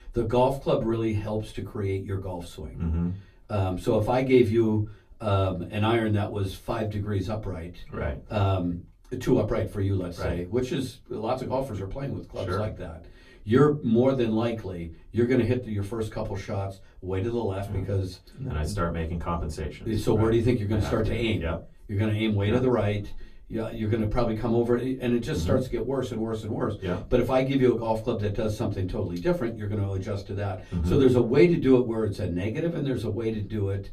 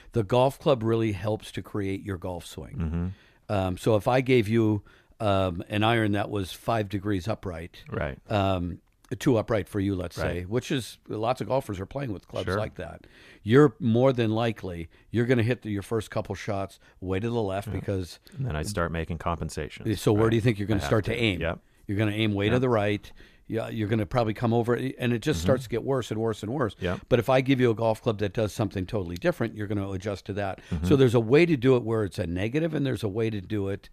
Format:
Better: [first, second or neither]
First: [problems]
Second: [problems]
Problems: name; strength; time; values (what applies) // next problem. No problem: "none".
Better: second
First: off-mic speech; far // room echo; very slight; dies away in 0.2 s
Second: none